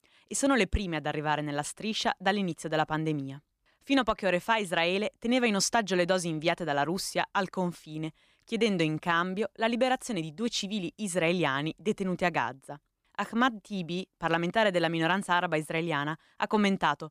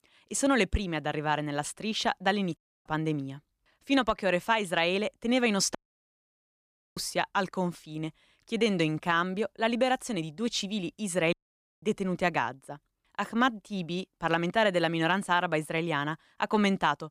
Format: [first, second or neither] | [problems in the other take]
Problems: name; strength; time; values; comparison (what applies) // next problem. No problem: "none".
first | audio cutting out; at 2.5 s, at 6 s for 1 s and at 11 s